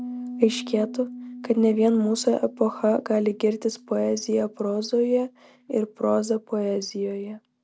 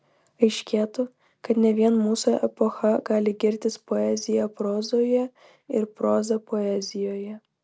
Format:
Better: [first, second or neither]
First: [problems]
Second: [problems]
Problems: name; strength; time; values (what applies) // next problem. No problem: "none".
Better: second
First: background sound (Piano); 16 dB below the speech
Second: none